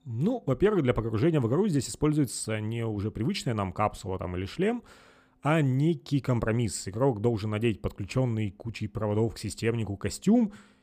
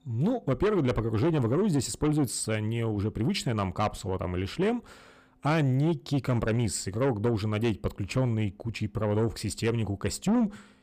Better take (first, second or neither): first